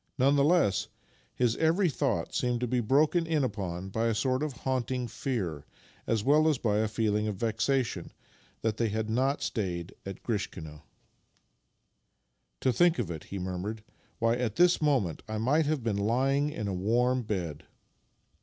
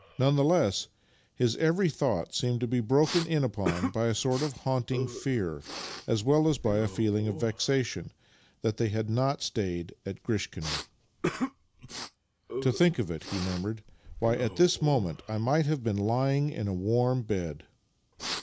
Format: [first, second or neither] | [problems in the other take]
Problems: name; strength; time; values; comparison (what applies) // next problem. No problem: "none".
first | background sound (Respiratory sounds); 12 dB below the speech